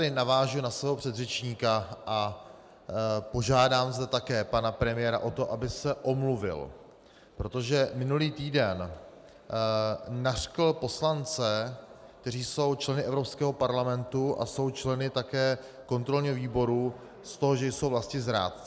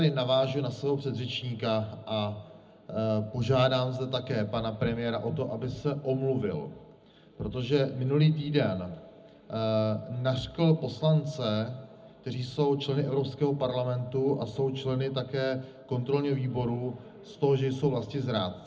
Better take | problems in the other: first | room echo; dies away in 0.4 s

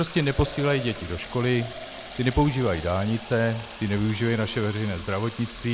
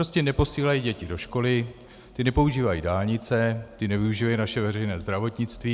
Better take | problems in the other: second | background sound (Fill (with liquid)); 15 dB below the speech

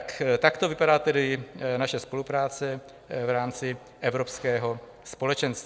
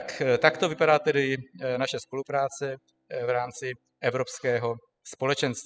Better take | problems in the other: first | noise reduction (classical method spectral subtraction)

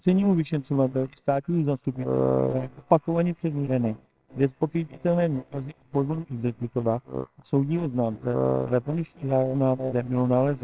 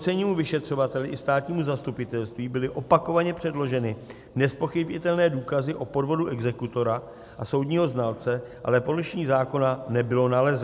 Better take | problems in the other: second | noise reduction (neural separator model SepFormer WHAMR!)

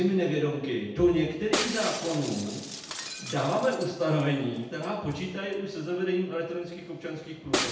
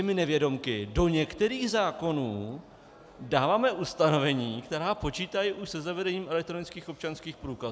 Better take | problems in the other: second | background sound (Shatter); 9 dB below the speech // room echo; dies away in 0.8 s

